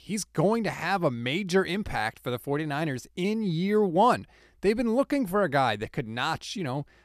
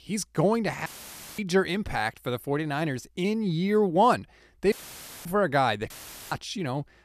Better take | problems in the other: first | audio cutting out; filled with static; at 1 s for 0.5 s, at 4.5 s for 0.5 s and at 6 s

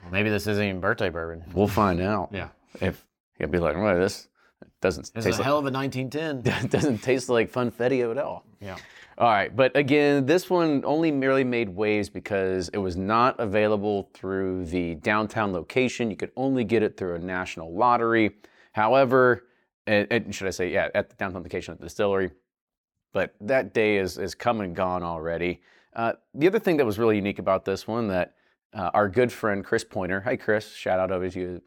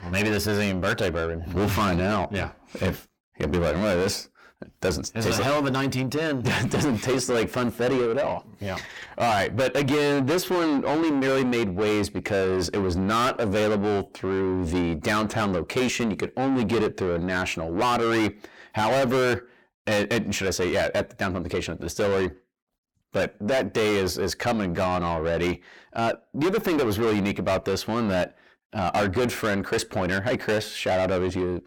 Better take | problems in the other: first | distortion; heavy; 6 dB below the speech

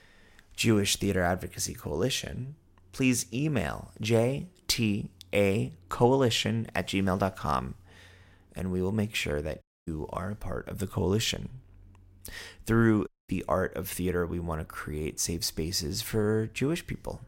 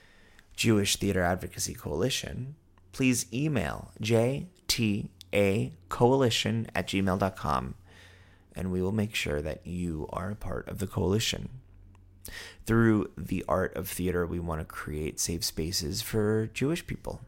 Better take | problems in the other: second | audio cutting out; at 9.5 s and at 13 s

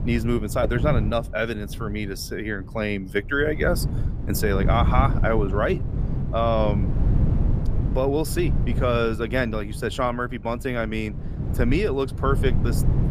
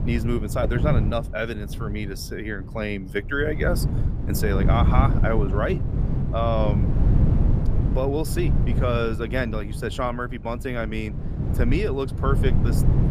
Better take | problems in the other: first | wind noise on the microphone; heavy; 8 dB below the speech; occasional gusts in the first

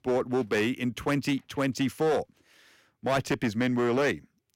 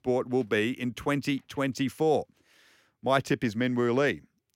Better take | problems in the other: second | distortion; slight; 8% of the sound clipped

